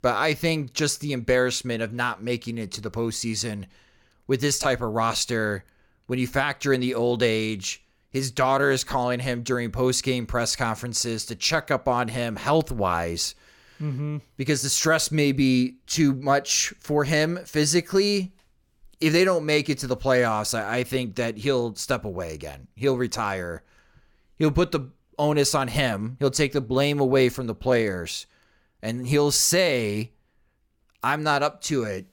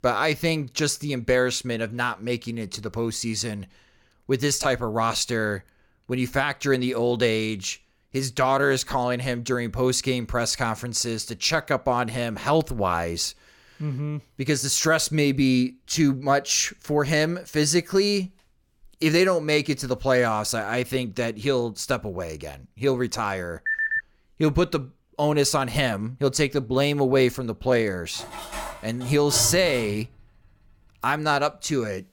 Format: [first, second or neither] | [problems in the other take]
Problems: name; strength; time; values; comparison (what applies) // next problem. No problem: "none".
first | phone ringing; loud; at 24 s; peak level with the speech // clattering dishes; noticeable; from 28 to 30 s; peak 7 dB below the speech